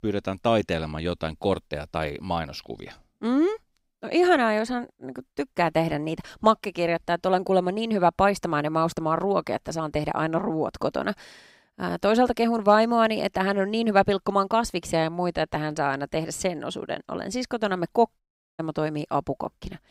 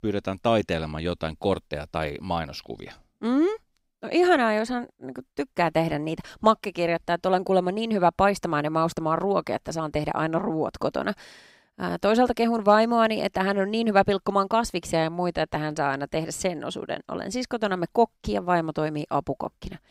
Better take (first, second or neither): second